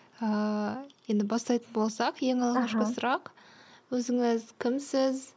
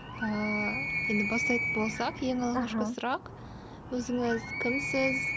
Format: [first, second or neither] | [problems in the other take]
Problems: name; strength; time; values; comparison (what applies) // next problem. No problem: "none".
first | background sound (Animal); 2 dB below the speech